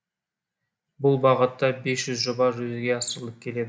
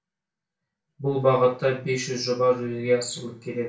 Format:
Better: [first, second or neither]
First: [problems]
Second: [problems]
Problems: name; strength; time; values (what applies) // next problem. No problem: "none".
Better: first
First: none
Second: room echo; dies away in 0.2 s